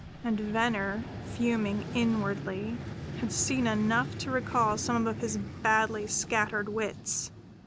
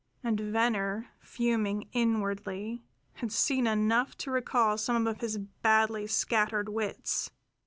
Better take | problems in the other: second | background sound (Vehicle); 9 dB below the speech

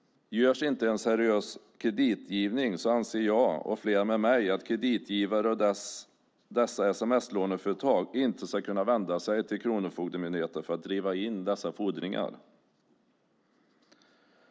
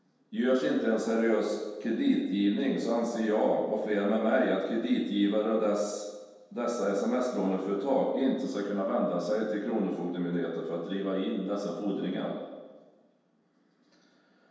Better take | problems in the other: first | room echo; dies away in 1.2 s

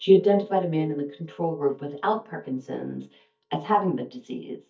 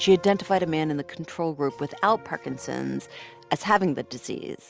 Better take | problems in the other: second | noise reduction (neural mask model DeepFilterNet 3)

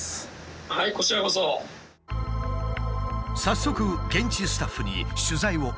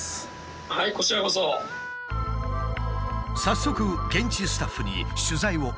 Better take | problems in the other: first | background sound (Harmonica); 13 dB below the speech

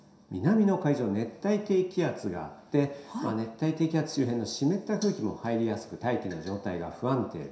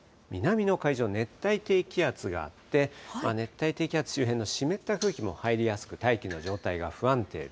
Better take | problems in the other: second | room echo; dies away in 0.7 s

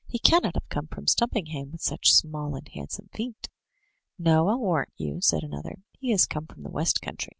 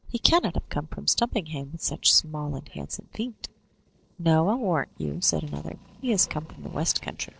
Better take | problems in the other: first | noise reduction (neural separator model SepFormer DNS4)

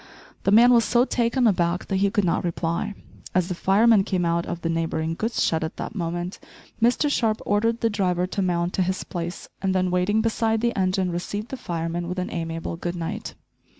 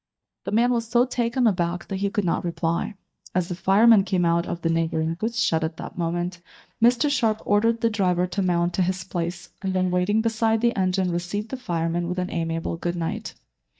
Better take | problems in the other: first | noise reduction (neural mask model DeepFilterNet 3)

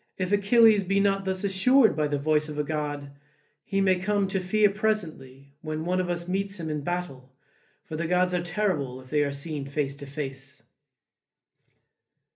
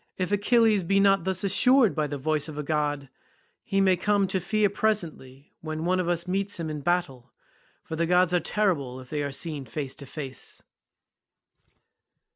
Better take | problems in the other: second | room echo; dies away in 0.3 s

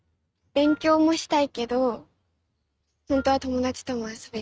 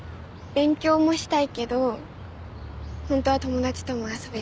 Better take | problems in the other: second | noise reduction (neural mask model RNNoise)

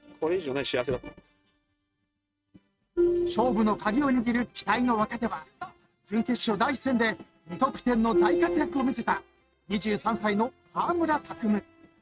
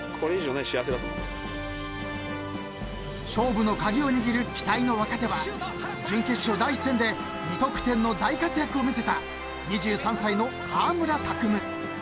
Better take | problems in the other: second | noise reduction (neural mask model RNNoise)

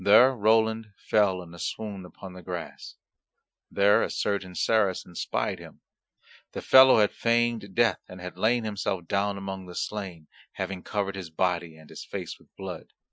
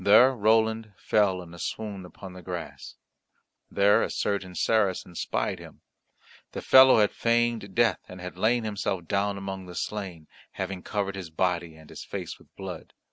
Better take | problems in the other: second | noise reduction (classical method Wiener filter)

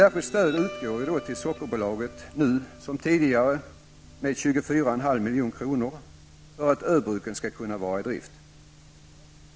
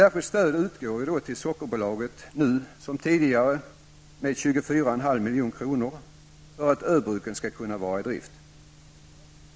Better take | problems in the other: second | background sound (Guitar); 20 dB below the speech

